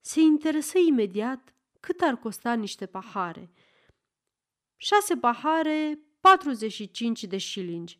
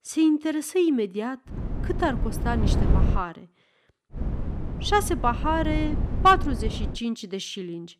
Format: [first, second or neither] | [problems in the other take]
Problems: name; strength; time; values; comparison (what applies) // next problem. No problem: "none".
first | wind noise on the microphone; occasional gusts; from 1.5 to 3 s and from 4 to 7 s; 15 dB below the speech